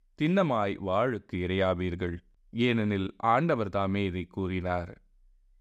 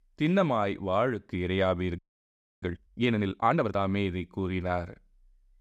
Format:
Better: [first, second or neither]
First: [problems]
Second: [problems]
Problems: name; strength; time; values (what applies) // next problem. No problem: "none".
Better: first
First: none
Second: audio freezing; at 2 s for 0.5 s